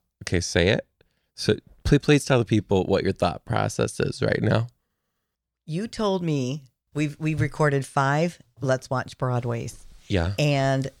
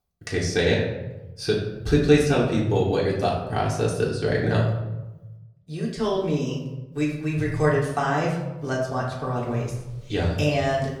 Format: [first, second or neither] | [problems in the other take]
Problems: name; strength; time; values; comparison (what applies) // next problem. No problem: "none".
first | off-mic speech; far // room echo; noticeable; dies away in 0.9 s